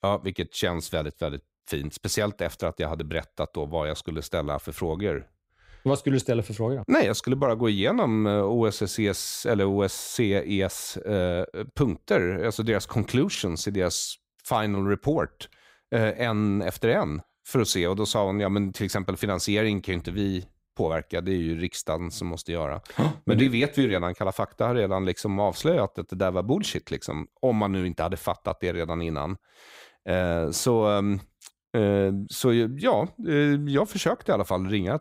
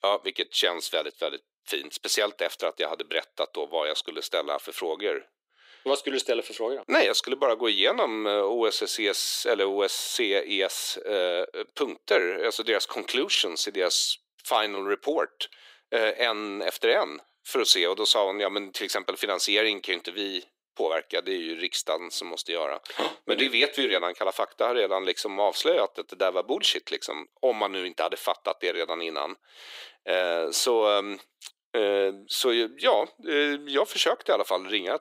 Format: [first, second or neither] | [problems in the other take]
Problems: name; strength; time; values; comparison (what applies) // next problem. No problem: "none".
first | thin; very; fading below 350 Hz